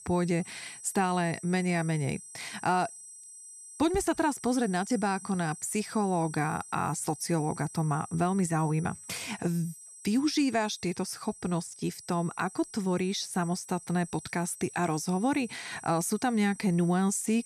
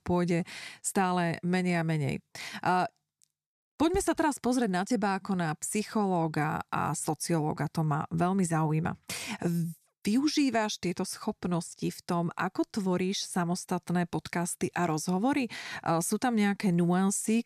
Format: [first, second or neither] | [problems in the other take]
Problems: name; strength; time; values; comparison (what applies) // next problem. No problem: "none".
second | high-pitched whine; noticeable; throughout; 8 kHz, 15 dB below the speech